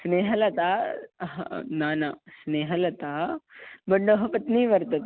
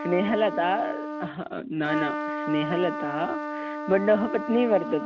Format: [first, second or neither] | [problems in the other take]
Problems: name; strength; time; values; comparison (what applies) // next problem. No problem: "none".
first | background sound (Trumpet); 6 dB below the speech